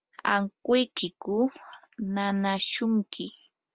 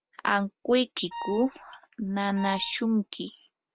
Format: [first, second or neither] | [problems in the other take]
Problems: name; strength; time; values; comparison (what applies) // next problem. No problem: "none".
first | background sound (Wind instrument, woodwind instrument); 11 dB below the speech